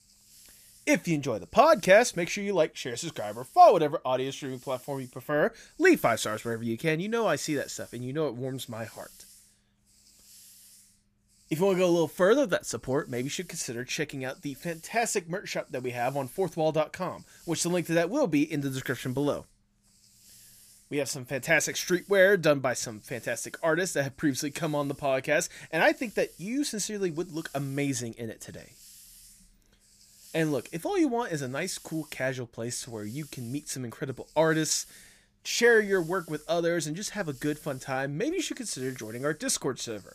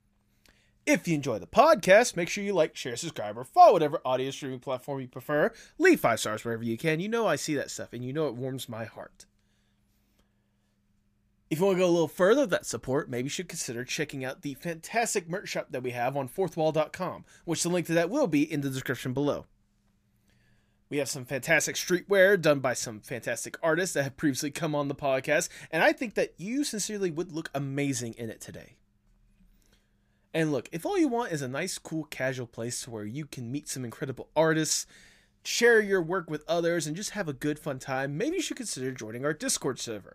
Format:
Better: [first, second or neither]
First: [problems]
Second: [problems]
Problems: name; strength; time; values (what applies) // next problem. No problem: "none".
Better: second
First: hiss; faint; throughout; 25 dB below the speech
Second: none